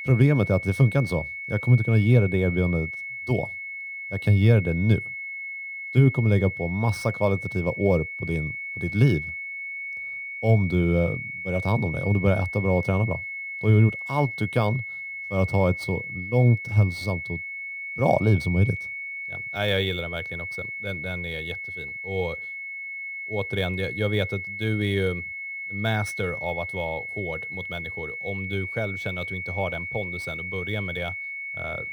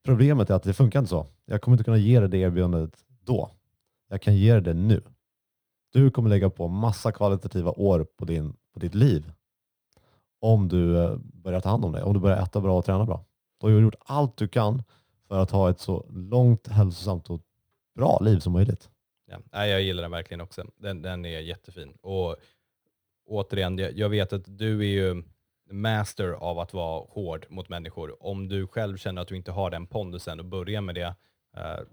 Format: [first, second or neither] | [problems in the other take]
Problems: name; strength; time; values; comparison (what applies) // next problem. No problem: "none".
second | high-pitched whine; loud; throughout; 2 kHz, 7 dB below the speech